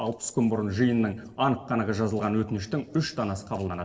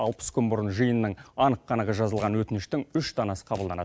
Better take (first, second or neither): second